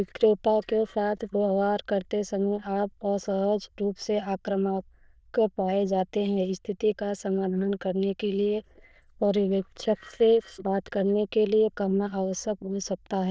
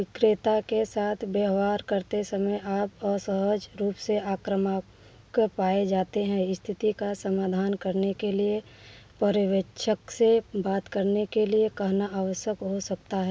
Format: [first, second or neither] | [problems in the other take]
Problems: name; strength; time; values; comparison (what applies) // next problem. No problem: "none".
second | noise reduction (neural diffusion model UNIVERSE++)